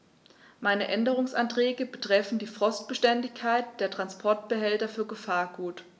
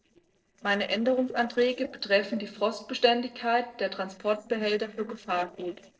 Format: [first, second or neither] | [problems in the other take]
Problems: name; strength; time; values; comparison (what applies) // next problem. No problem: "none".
first | noise reduction (neural separator model SepFormer DNS4)